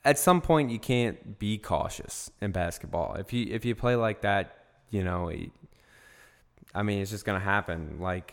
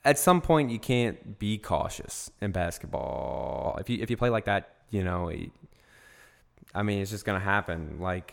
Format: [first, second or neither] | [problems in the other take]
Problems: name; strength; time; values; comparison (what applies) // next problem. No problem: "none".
first | audio freezing; at 3 s for 0.5 s